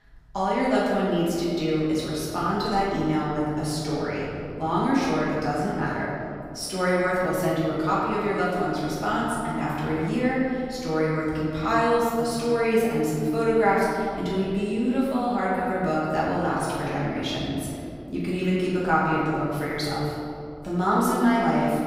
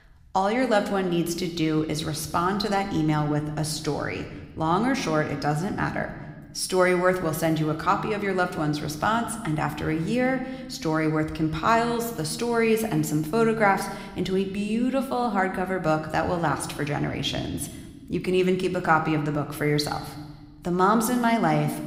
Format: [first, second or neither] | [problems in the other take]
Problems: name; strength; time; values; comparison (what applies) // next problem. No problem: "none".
second | room echo; strong; dies away in 2.2 s; slight in the second // off-mic speech; far